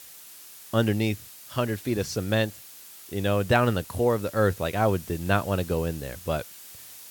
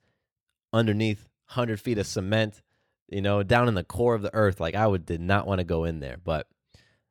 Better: second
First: hiss; noticeable; throughout; 15 dB below the speech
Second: none

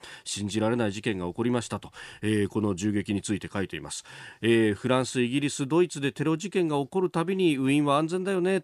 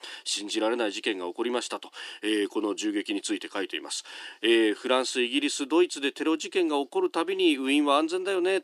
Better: first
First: none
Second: thin; very slightly; fading below 300 Hz

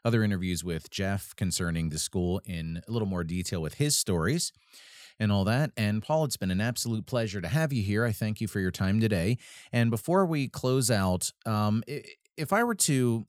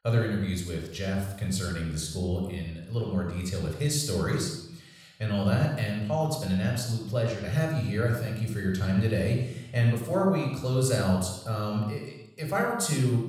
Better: first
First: none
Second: off-mic speech; somewhat distant // room echo; noticeable; dies away in 0.7 s

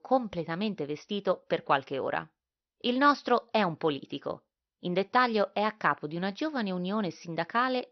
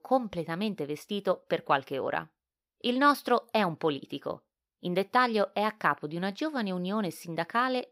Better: second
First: garbled, watery; slightly; nothing above 6 kHz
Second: none

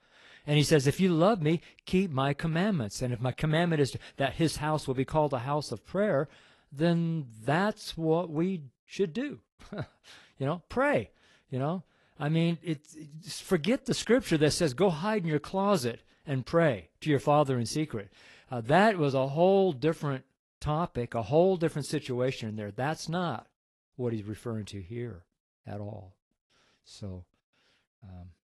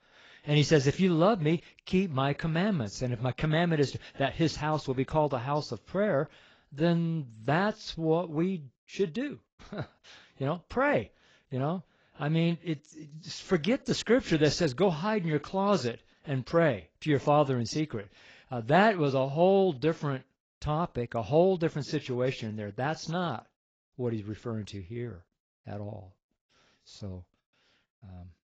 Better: first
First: garbled, watery; slightly; nothing above 11.5 kHz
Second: garbled, watery; badly; nothing above 7.5 kHz

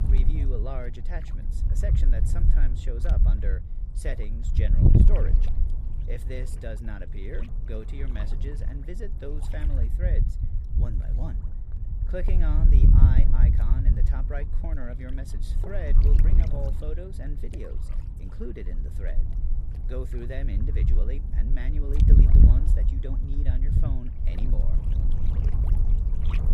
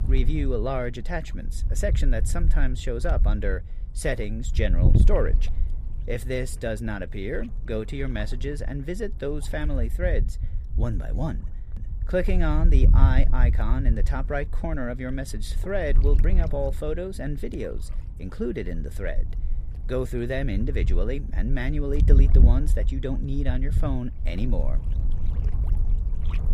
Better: second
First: wind noise on the microphone; heavy; 1 dB below the speech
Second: wind noise on the microphone; occasional gusts; 10 dB below the speech

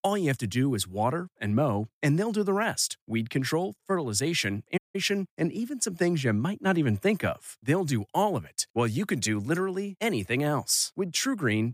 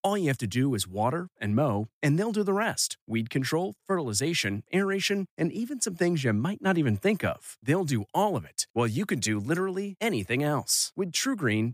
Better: second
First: audio cutting out; at 5 s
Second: none

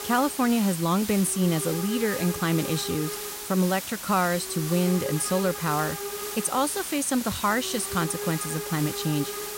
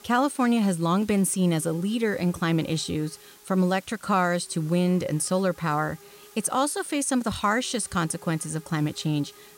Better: second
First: hiss; loud; throughout; 6 dB below the speech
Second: hiss; faint; throughout; 25 dB below the speech

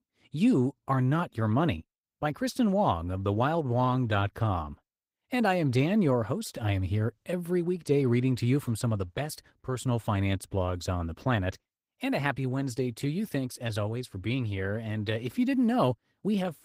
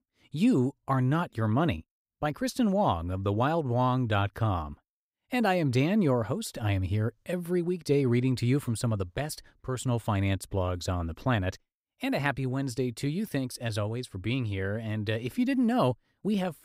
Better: second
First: garbled, watery; slightly; nothing above 15.5 kHz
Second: none

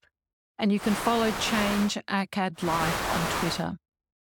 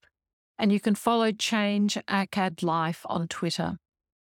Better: second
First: hiss; very faint; at 1 s and at 2.5 s; 3 dB below the speech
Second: none

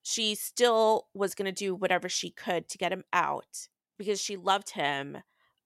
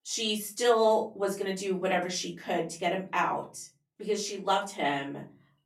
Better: first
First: none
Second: room echo; slight; dies away in 0.4 s // off-mic speech; far

